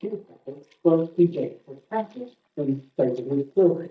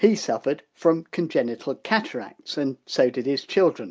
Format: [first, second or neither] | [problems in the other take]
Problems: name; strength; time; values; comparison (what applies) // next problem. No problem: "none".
second | noise reduction (neural mask model DeepFilterNet 3)